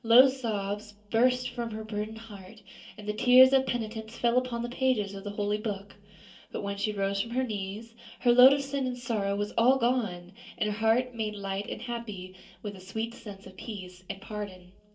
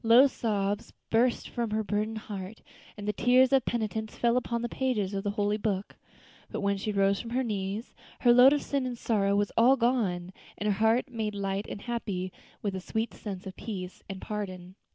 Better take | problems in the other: second | room echo; dies away in 0.2 s

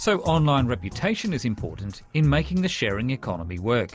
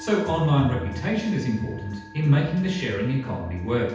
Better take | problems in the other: first | background sound (Musical instrument); 19 dB below the speech // room echo; dies away in 0.8 s

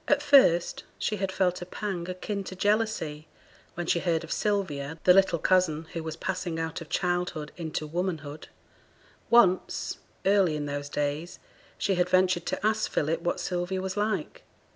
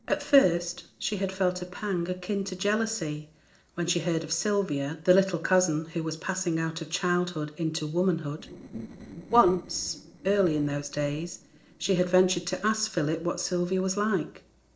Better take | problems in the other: first | noise reduction (neural separator model SepFormer DNS4)

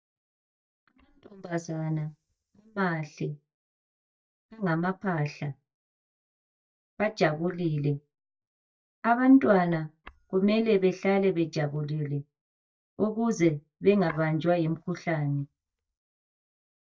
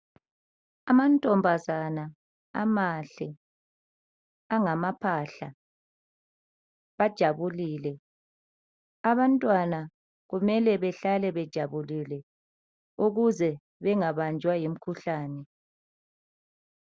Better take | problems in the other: second | noise reduction (neural mask model DeepFilterNet 3)

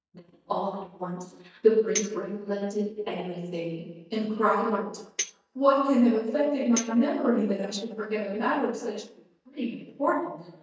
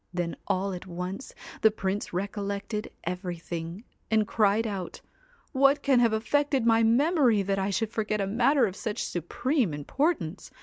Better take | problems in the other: second | noise reduction (neural mask model DeepFilterNet 3)

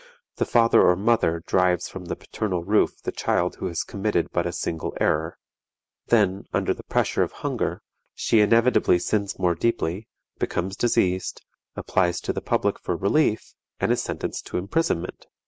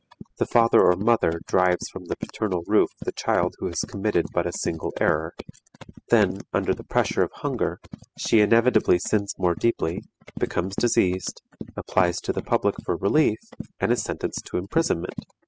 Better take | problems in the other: first | noise reduction (classical method spectral subtraction)

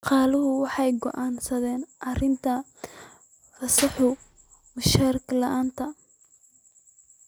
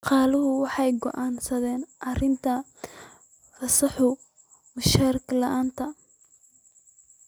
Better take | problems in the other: second | background sound (Clapping / Drum kit); 14 dB below the speech

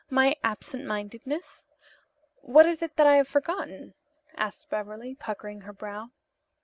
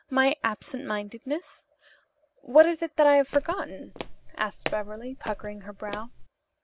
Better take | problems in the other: first | background sound (Walk, footsteps); 11 dB below the speech

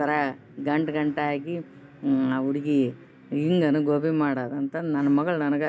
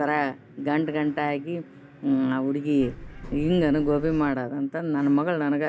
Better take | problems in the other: first | background sound (Bird); 13 dB below the speech

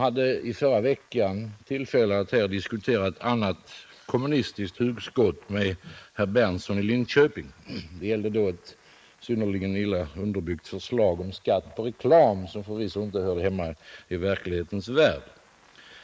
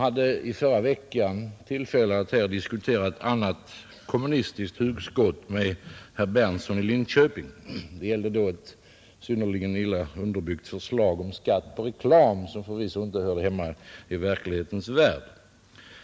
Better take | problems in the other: second | noise reduction (neural mask model Resemble Enhance denoiser)

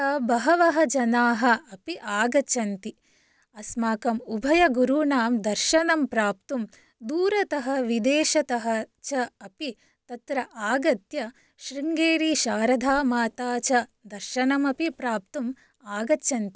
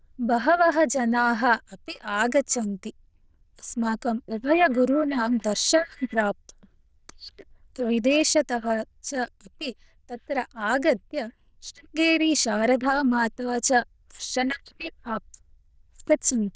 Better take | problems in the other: first | noise reduction (neural diffusion model UNIVERSE++)

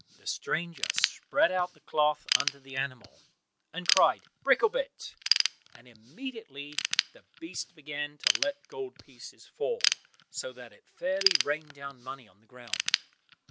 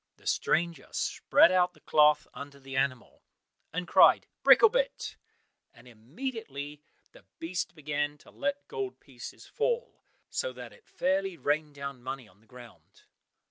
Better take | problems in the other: second | background sound (Ratchet, pawl / Tools); 1 dB below the speech

